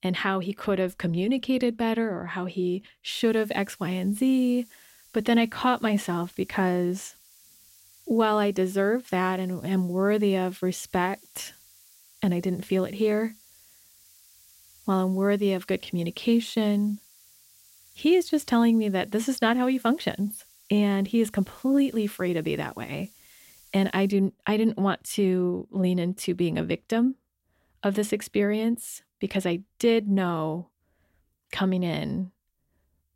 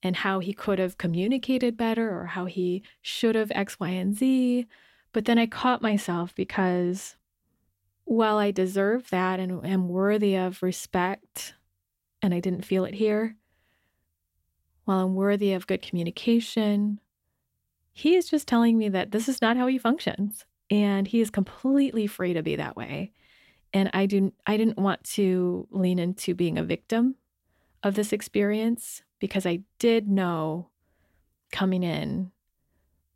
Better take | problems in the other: second | hiss; faint; from 3 to 24 s; 25 dB below the speech

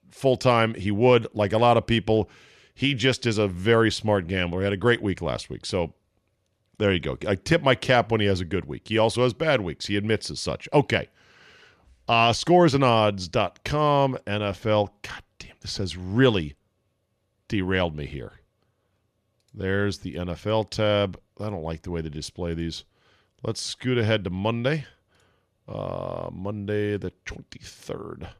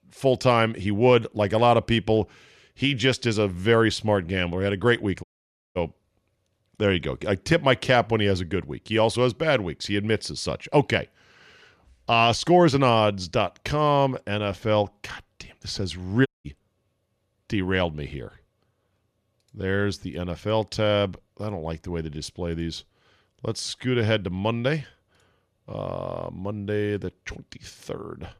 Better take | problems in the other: first | audio cutting out; at 5 s for 0.5 s and at 16 s

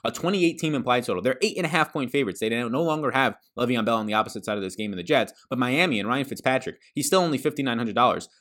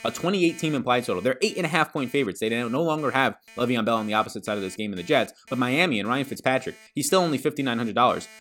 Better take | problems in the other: first | alarms or sirens; faint; throughout; 25 dB below the speech

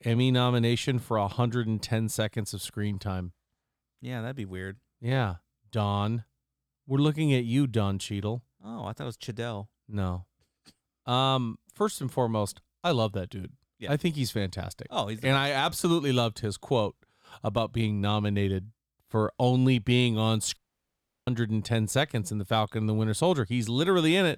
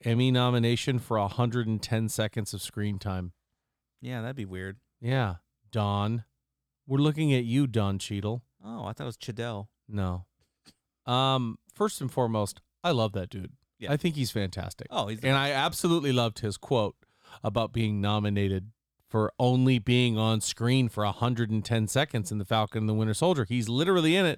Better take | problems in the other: second | audio cutting out; at 21 s for 0.5 s

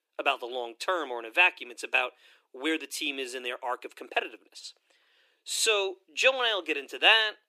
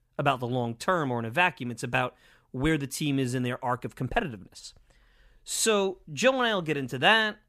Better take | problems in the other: second | thin; very; fading below 300 Hz

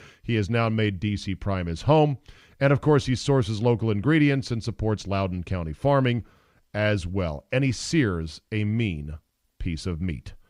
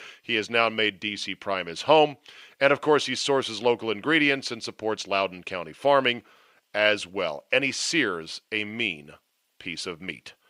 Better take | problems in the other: first | thin; somewhat; fading below 450 Hz

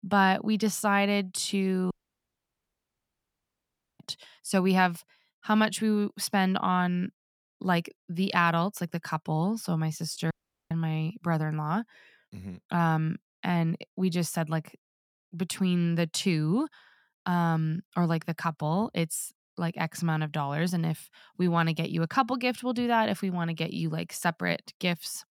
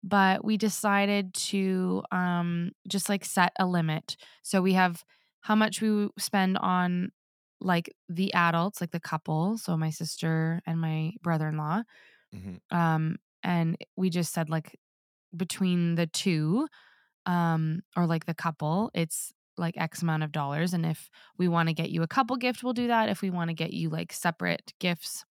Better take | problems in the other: second | audio cutting out; at 2 s for 2 s and at 10 s

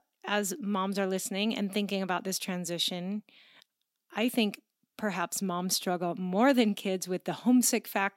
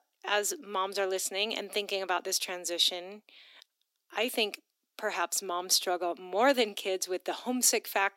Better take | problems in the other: first | thin; somewhat; fading below 300 Hz

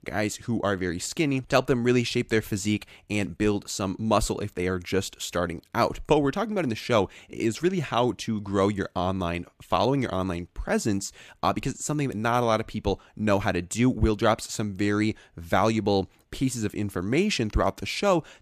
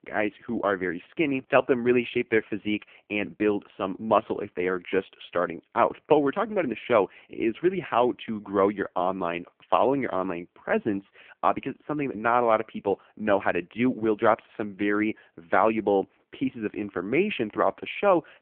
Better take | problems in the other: first | phone-call audio; poor line

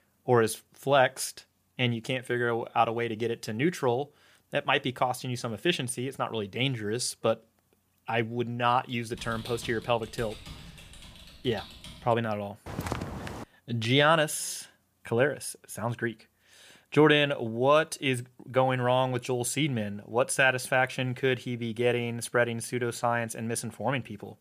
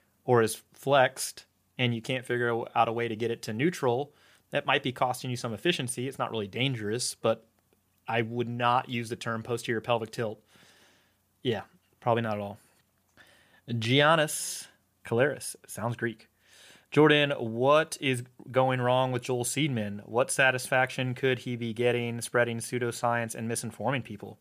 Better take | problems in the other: second | keyboard typing; faint; from 9 to 12 s; peak 15 dB below the speech // footsteps; noticeable; at 13 s; peak 6 dB below the speech

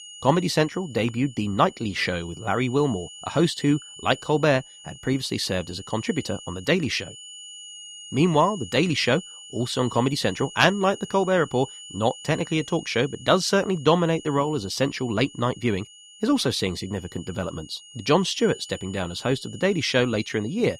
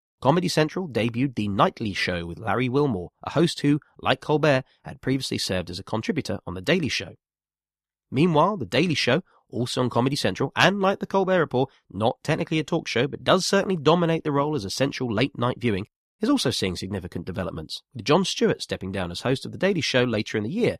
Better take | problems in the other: second | high-pitched whine; noticeable; throughout; 3 kHz, 15 dB below the speech

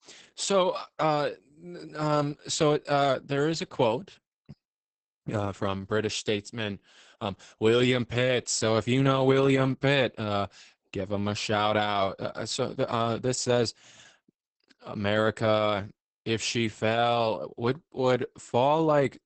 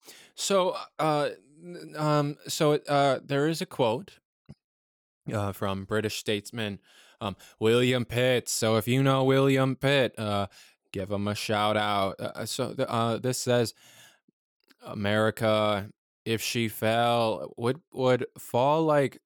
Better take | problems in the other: second | garbled, watery; badly; nothing above 8 kHz

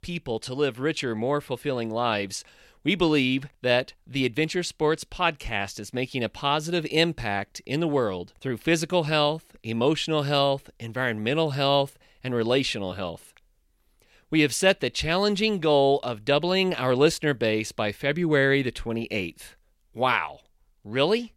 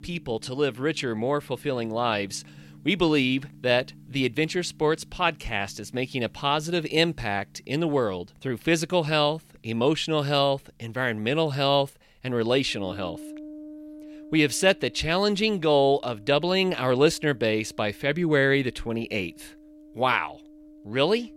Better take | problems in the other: first | background music; faint; throughout; 25 dB below the speech

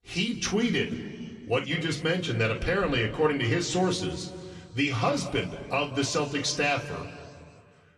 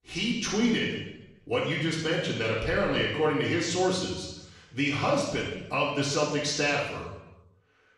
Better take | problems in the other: first | room echo; strong; dies away in 0.9 s; slight in the first // off-mic speech; far; somewhat distant in the first

